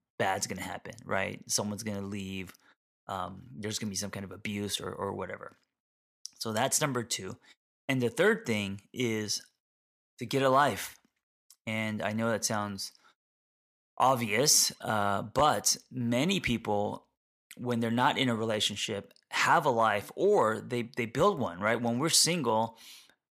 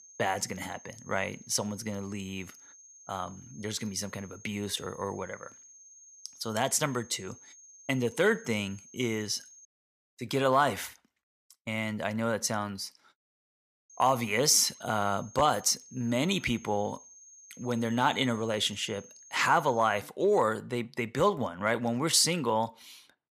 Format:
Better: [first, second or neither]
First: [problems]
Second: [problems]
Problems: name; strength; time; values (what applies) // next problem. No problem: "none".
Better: first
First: none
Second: high-pitched whine; faint; until 9.5 s and from 14 to 20 s; 6.5 kHz, 20 dB below the speech